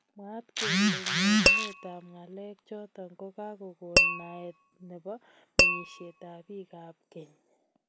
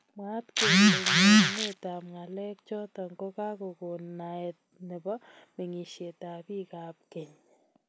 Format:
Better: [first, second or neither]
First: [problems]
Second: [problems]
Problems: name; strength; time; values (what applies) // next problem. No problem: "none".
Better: second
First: background sound (Tap / Glass); 5 dB above the speech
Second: none